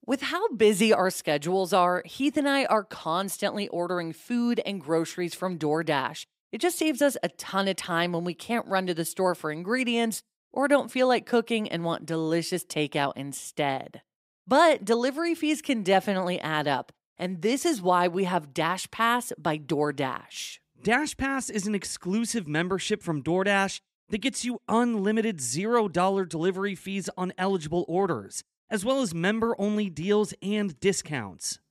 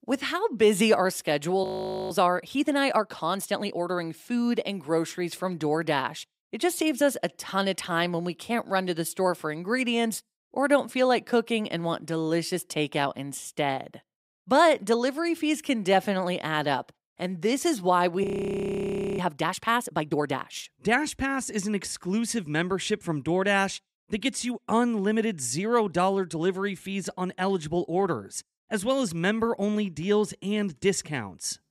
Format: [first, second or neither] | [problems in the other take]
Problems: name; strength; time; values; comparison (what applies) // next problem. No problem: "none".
first | audio freezing; at 1.5 s and at 18 s for 1 s